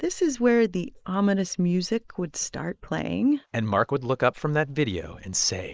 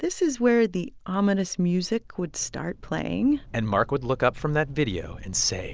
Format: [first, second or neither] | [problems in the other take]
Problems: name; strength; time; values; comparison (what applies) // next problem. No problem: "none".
second | noise reduction (neural mask model Resemble Enhance denoiser)